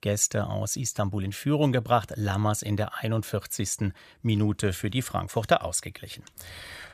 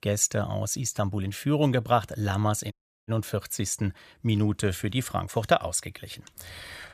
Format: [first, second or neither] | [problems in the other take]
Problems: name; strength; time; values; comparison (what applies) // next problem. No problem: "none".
first | audio cutting out; at 2.5 s